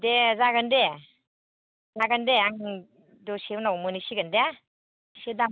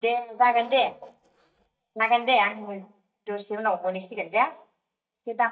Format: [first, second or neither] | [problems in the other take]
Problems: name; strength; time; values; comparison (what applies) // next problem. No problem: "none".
first | noise reduction (neural mask model DeepFilterNet 3)